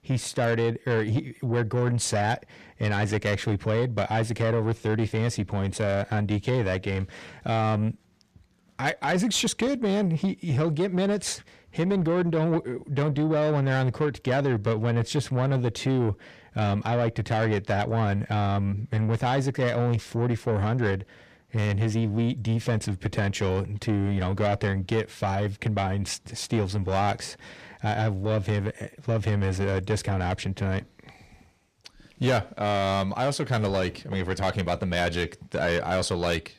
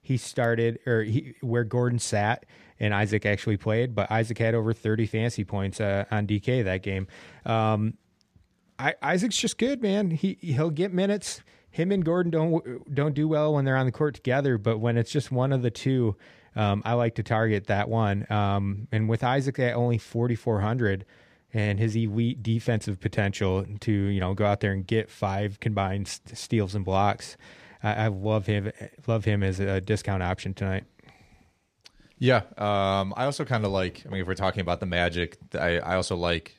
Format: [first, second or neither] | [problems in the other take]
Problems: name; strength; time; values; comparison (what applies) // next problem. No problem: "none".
second | distortion; slight; 10 dB below the speech